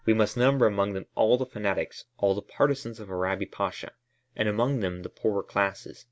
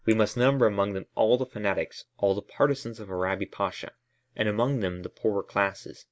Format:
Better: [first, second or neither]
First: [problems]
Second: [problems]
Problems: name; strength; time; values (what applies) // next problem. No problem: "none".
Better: first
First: none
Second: noise reduction (neural mask model Resemble Enhance denoiser)